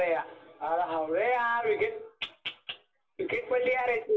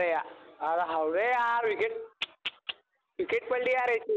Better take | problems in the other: second | room echo; dies away in 0.2 s

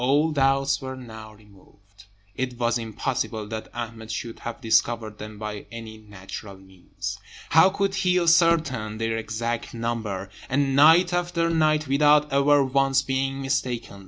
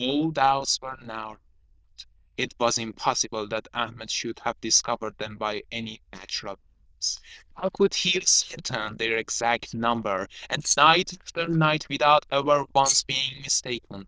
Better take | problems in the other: first | noise reduction (neural diffusion model UNIVERSE++)

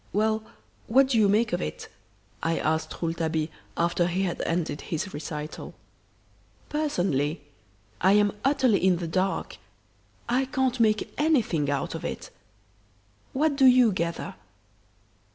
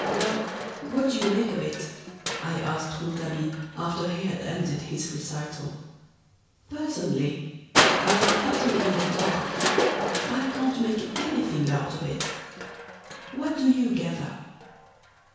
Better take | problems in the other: first | background sound (Crushing); 2 dB below the speech // room echo; dies away in 1.1 s

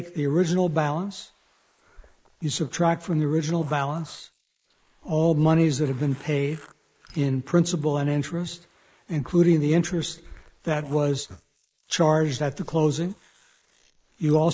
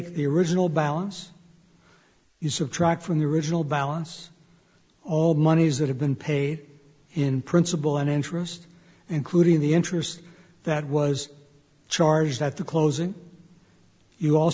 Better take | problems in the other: second | noise reduction (neural mask model Resemble Enhance denoiser)

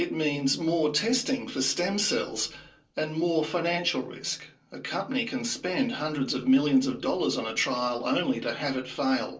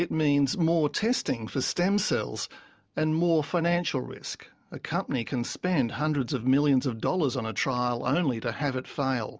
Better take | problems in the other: second | room echo; dies away in 0.3 s

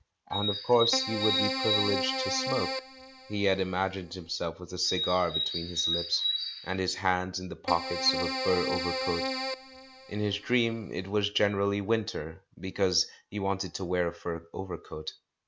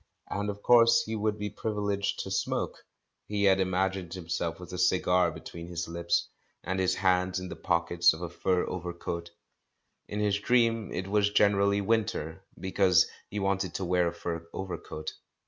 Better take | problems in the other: second | background sound (Keyboard (musical) + Bird); 2 dB below the speech

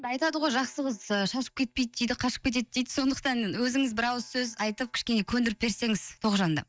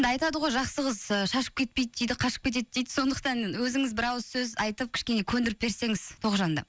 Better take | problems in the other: second | noise reduction (neural mask model DeepFilterNet 3)

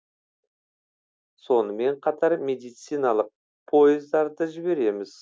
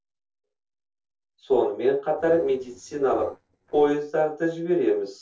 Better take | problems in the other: first | noise reduction (neural separator model SepFormer DNS4)

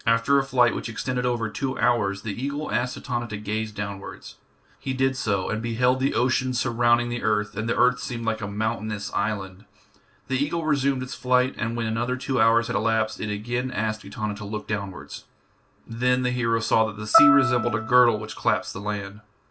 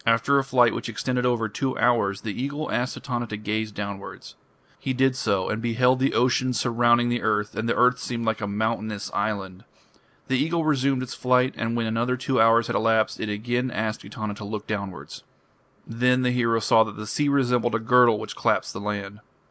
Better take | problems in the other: second | background sound (Piano); 1 dB below the speech // room echo; dies away in 0.2 s

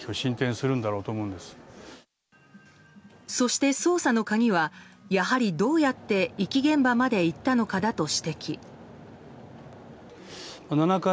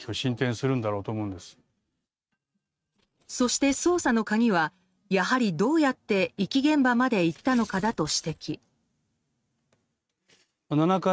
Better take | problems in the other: first | noise reduction (neural mask model RNNoise)

